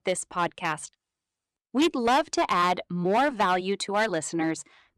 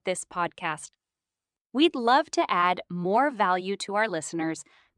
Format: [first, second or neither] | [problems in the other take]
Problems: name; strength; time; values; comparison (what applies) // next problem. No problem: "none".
second | distortion; slight; 6% of the sound clipped